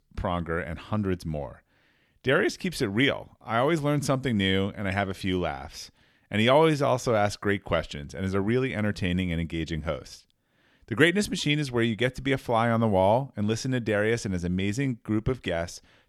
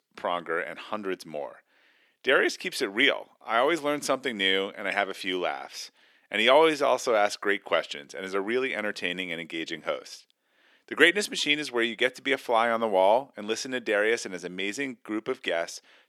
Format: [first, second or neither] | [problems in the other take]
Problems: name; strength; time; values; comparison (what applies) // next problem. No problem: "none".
first | thin; somewhat; fading below 350 Hz